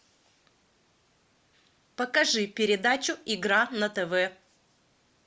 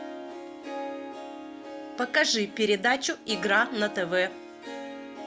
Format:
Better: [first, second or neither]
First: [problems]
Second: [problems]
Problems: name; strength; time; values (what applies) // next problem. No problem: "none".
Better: first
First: none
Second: background sound (Harp); 10 dB below the speech